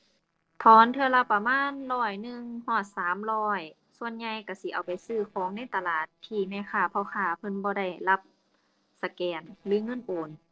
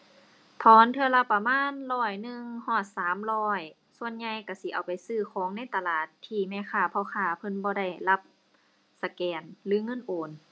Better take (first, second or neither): second